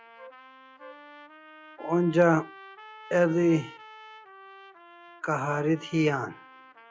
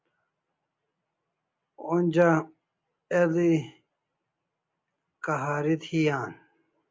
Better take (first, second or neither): second